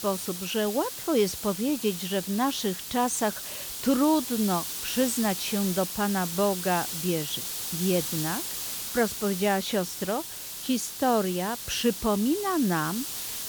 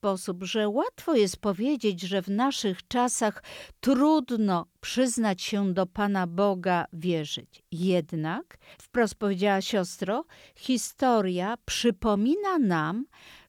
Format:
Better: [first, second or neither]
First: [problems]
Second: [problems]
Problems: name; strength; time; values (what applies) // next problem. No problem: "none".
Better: second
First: hiss; loud; throughout; 5 dB below the speech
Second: none